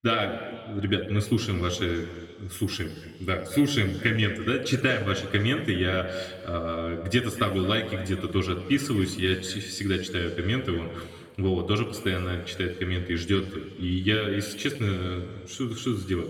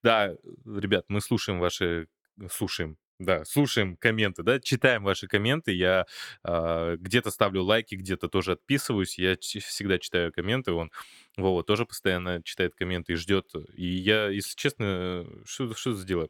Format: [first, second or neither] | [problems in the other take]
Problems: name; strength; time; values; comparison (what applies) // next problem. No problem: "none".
second | room echo; noticeable; dies away in 1.6 s // off-mic speech; somewhat distant